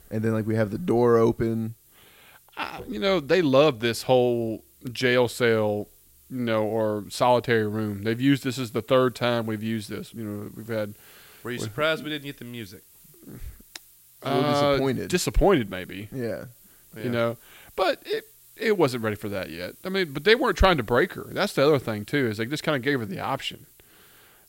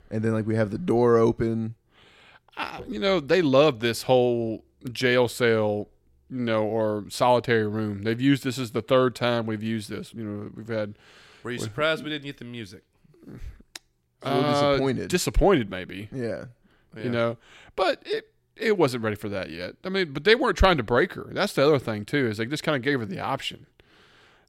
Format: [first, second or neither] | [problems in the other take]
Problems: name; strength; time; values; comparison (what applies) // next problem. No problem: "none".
second | hiss; faint; throughout; 25 dB below the speech